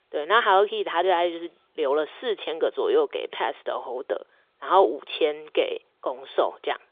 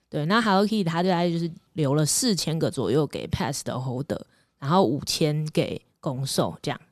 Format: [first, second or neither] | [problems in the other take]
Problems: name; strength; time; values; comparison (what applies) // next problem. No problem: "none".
second | phone-call audio; nothing above 3 kHz